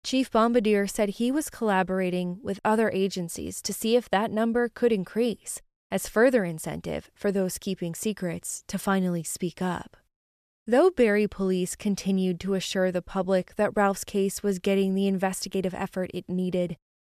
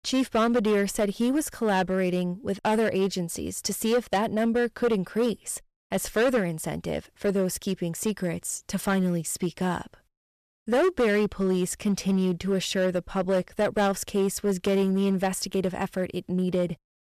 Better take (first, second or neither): first